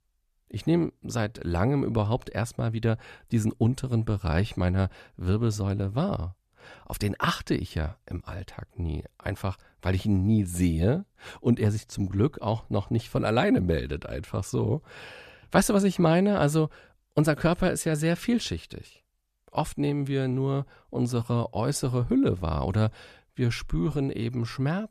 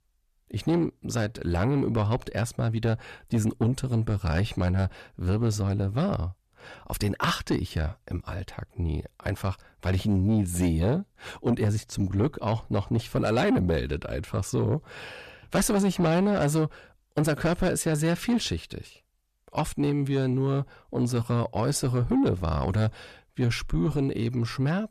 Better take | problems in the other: first | distortion; slight; 10 dB below the speech

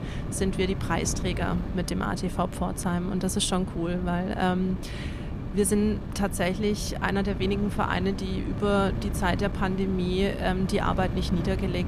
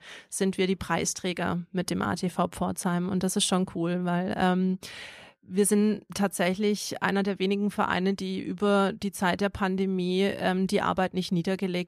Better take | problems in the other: second | wind noise on the microphone; occasional gusts; 10 dB below the speech

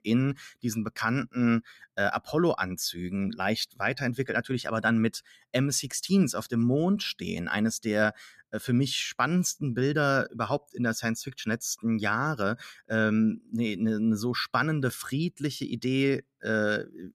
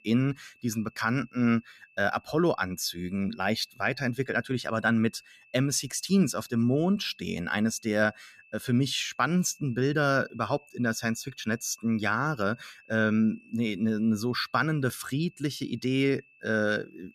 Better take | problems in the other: first | high-pitched whine; faint; throughout; 2.5 kHz, 30 dB below the speech

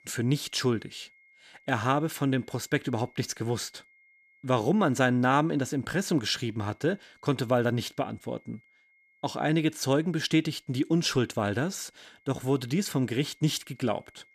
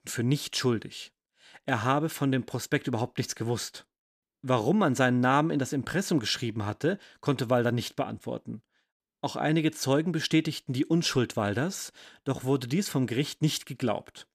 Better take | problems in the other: second | high-pitched whine; faint; throughout; 2 kHz, 30 dB below the speech

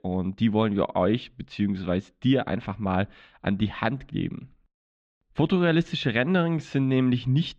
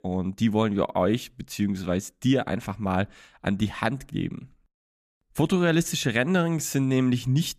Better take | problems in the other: second | muffled; slightly; fading above 3.5 kHz

